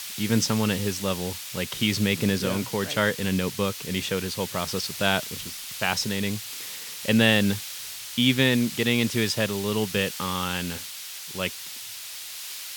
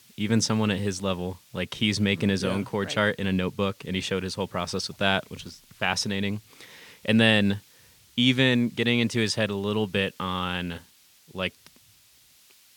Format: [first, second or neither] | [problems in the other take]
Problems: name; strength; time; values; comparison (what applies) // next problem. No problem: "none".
second | hiss; loud; throughout; 8 dB below the speech; faint in the second